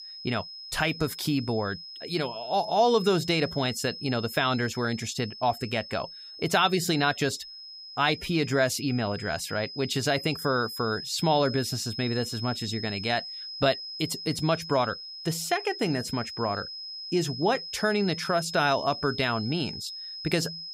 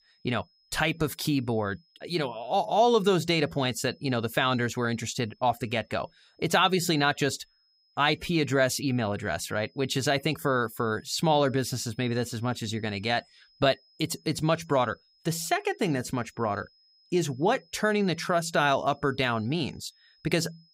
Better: second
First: high-pitched whine; loud; throughout; 5 kHz, 10 dB below the speech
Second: high-pitched whine; faint; throughout; 5 kHz, 35 dB below the speech

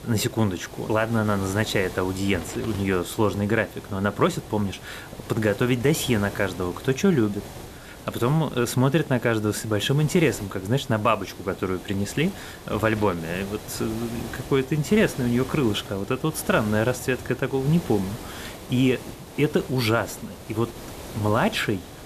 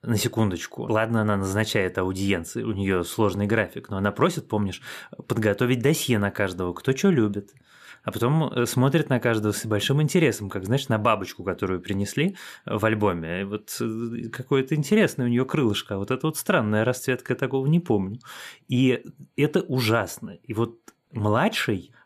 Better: second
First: hiss; noticeable; throughout; 15 dB below the speech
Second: none

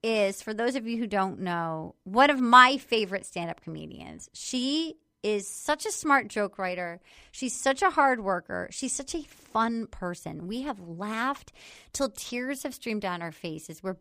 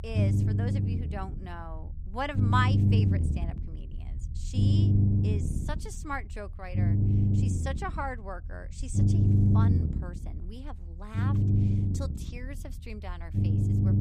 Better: first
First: none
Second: low rumble; loud; throughout; 1 dB below the speech

